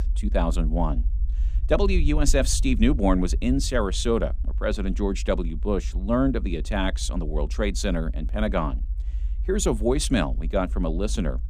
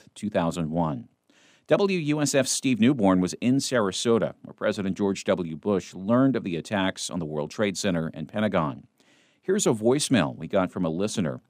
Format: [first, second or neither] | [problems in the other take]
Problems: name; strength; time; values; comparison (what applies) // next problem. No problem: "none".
second | low rumble; faint; throughout; 25 dB below the speech